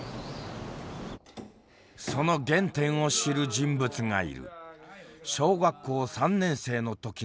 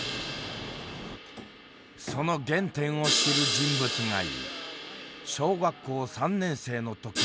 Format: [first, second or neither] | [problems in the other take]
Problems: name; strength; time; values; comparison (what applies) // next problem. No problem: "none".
first | background sound (Crash cymbal); 3 dB below the speech